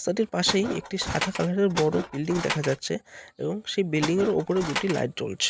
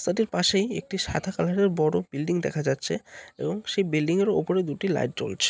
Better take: second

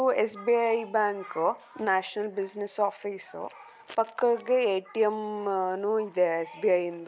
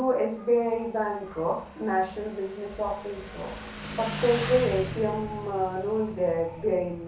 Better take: first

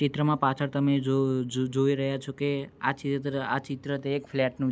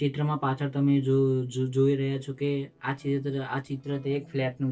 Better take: first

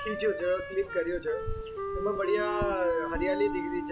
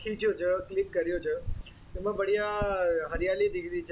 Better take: second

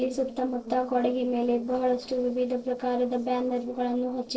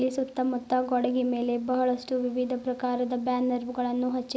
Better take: second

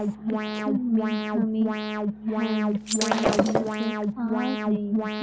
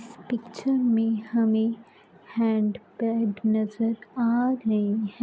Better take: second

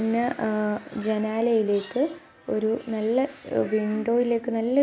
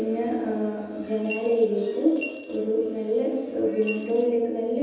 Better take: first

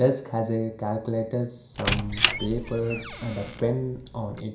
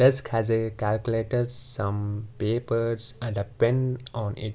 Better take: second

